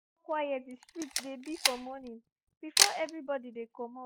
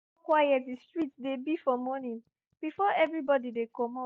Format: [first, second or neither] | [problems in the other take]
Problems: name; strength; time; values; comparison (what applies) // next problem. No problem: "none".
second | background sound (Camera); 4 dB above the speech